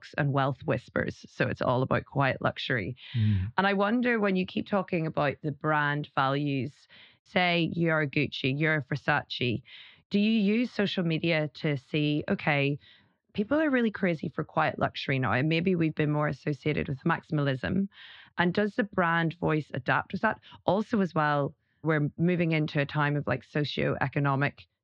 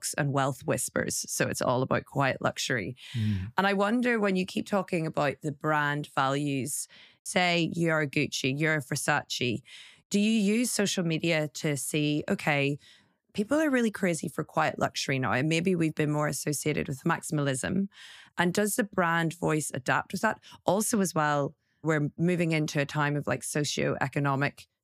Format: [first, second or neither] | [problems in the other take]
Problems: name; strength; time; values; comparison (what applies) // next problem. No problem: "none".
second | muffled; slightly; fading above 4 kHz